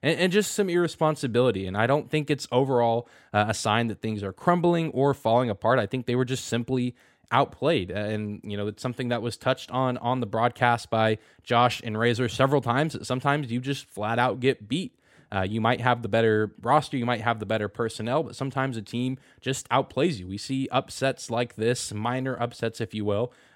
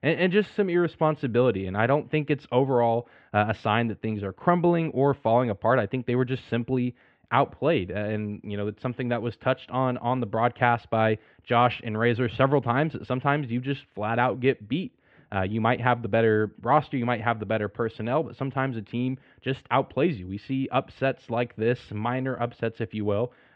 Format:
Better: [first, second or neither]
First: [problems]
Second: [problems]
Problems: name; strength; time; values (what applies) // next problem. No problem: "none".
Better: first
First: none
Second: muffled; very; fading above 2.5 kHz